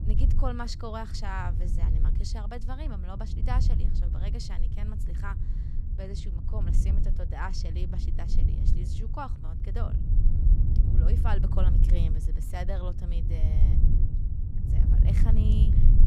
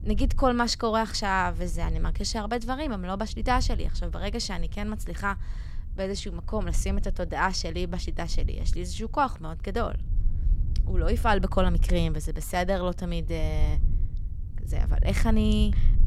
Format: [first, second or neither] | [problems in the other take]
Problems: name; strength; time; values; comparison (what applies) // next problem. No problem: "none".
second | low rumble; loud; throughout; 4 dB below the speech; faint in the second